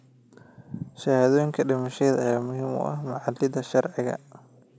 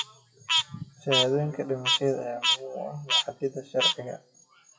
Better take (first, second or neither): first